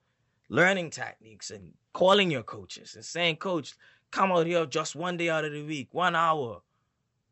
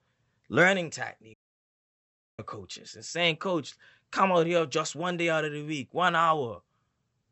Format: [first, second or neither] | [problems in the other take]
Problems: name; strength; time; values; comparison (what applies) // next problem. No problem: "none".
first | audio cutting out; at 1.5 s for 1 s